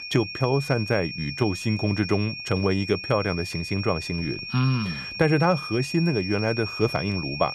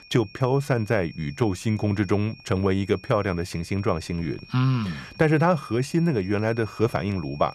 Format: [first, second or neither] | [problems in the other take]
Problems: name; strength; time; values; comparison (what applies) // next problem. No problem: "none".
second | high-pitched whine; loud; throughout; 2.5 kHz, 7 dB below the speech; faint in the second